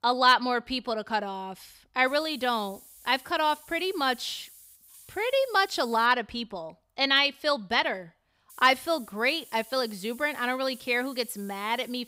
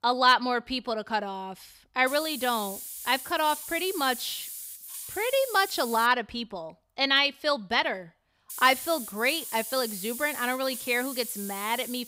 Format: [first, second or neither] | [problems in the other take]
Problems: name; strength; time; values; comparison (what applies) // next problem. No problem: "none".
first | hiss; loud; from 2 to 6 s and from 8.5 s on; 10 dB below the speech; faint in the first